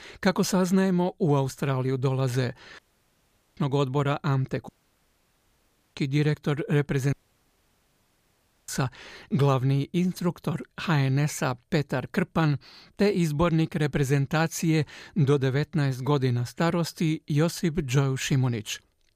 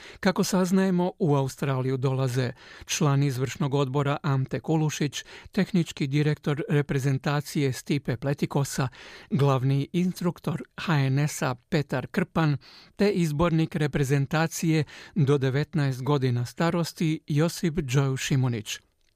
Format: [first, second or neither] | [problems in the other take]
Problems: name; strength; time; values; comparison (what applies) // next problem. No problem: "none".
second | audio cutting out; at 3 s for 1 s, at 4.5 s for 1.5 s and at 7 s for 1.5 s